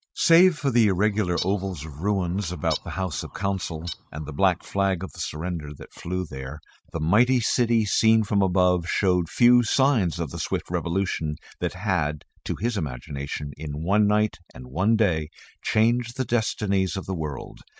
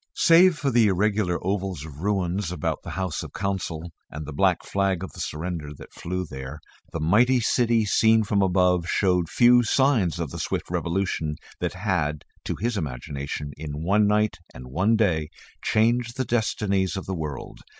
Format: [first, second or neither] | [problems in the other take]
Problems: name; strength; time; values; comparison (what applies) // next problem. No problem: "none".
second | noise reduction (neural mask model RNNoise)